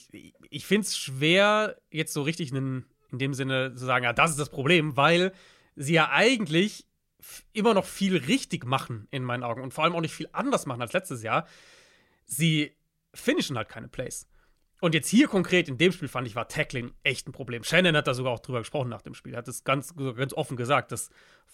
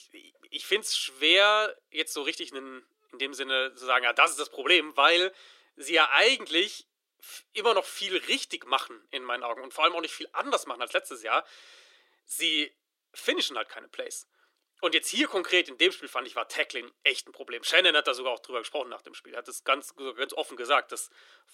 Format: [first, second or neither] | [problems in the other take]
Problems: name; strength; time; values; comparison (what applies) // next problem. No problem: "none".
first | thin; very; fading below 350 Hz